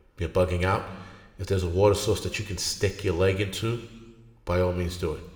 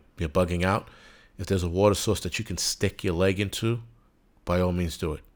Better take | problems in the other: second | room echo; slight; dies away in 1.2 s

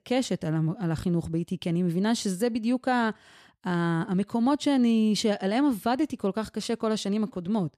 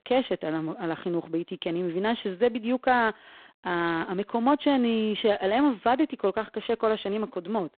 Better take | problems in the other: first | phone-call audio; poor line

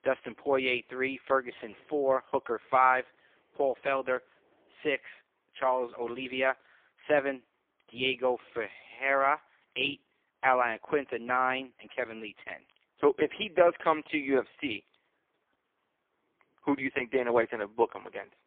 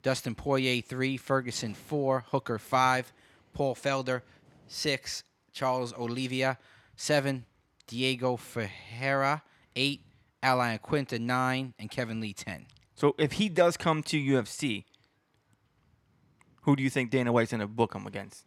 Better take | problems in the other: second | phone-call audio; poor line; nothing above 3.5 kHz

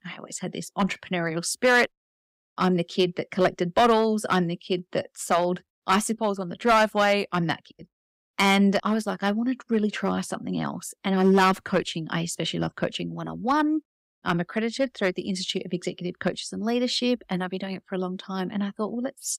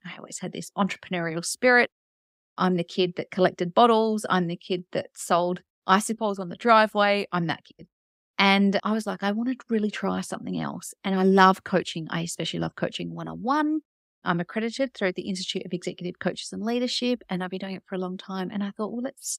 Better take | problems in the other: second | distortion; slight; 1.7% of the sound clipped

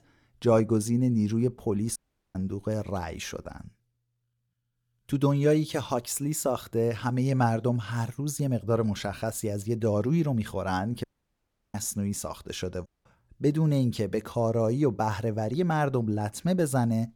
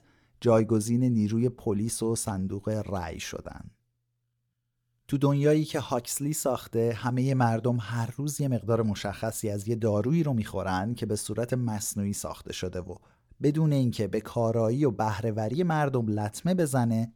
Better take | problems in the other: second | audio cutting out; at 2 s, at 11 s for 0.5 s and at 13 s

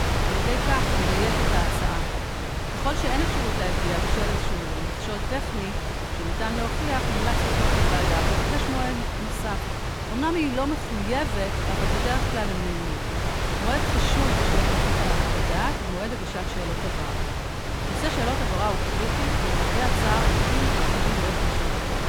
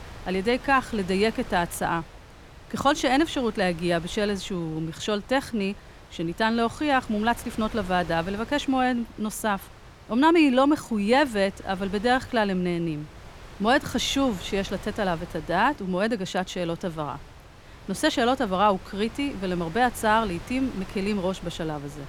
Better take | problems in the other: second | wind noise on the microphone; heavy; 4 dB above the speech; occasional gusts in the second

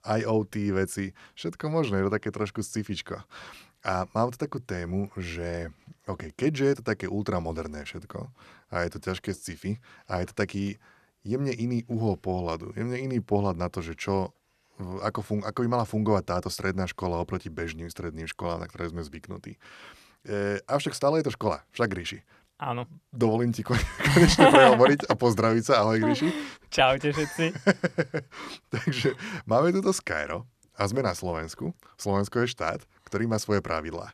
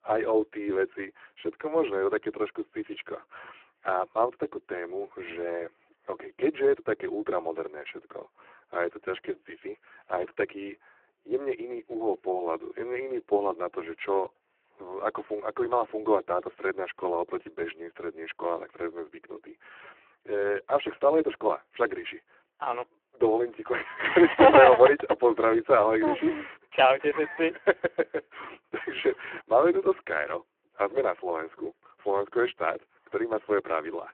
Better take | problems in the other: first | phone-call audio; poor line

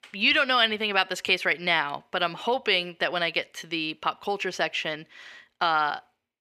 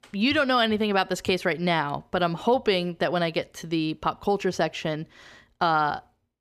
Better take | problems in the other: second | thin; somewhat; fading below 500 Hz

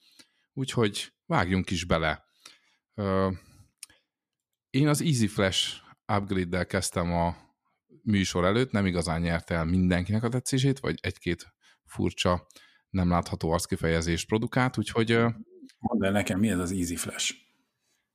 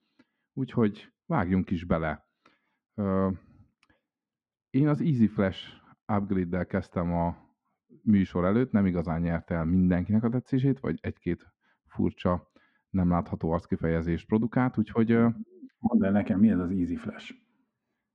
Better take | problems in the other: first | muffled; very; fading above 1.5 kHz

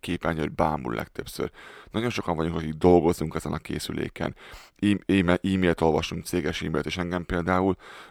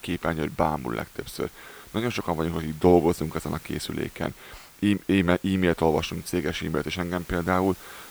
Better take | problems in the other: first | hiss; faint; throughout; 20 dB below the speech

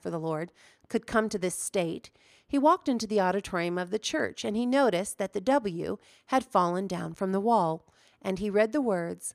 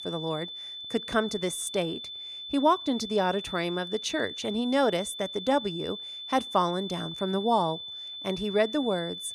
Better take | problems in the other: first | high-pitched whine; loud; throughout; 3.5 kHz, 8 dB below the speech

